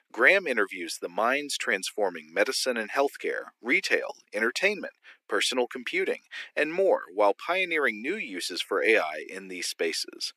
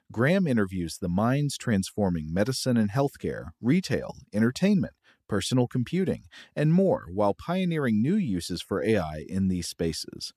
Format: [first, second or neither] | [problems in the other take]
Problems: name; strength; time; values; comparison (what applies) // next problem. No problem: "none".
second | thin; very; fading below 350 Hz